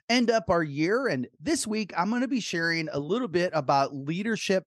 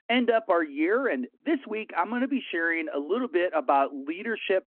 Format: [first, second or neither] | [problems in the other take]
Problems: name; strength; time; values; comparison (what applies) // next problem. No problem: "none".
first | phone-call audio